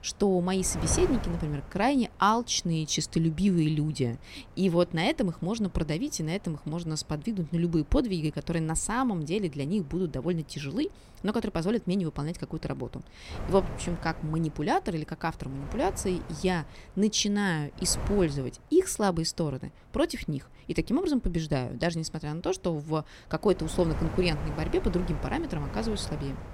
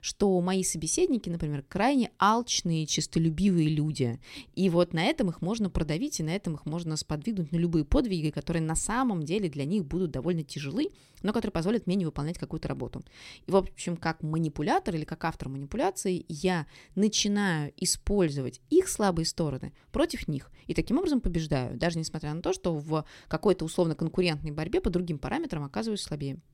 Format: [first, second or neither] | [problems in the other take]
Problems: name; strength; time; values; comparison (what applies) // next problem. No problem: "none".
second | wind noise on the microphone; occasional gusts; 15 dB below the speech